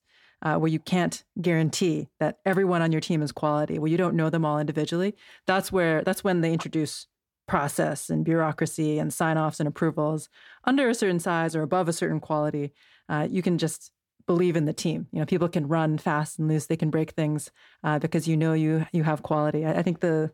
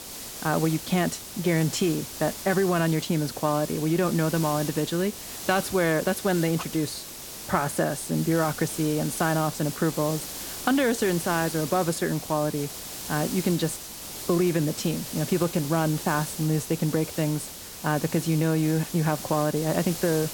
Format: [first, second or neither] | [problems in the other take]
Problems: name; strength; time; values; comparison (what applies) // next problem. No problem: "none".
first | hiss; loud; throughout; 9 dB below the speech